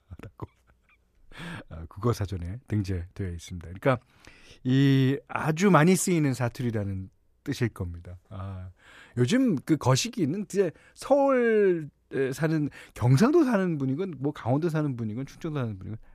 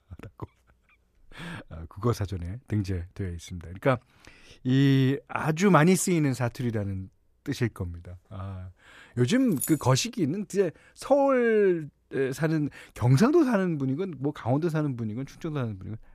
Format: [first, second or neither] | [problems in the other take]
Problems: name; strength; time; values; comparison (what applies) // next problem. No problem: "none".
first | jangling keys; noticeable; at 9.5 s; peak 7 dB below the speech